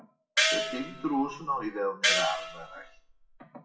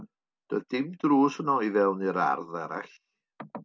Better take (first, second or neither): second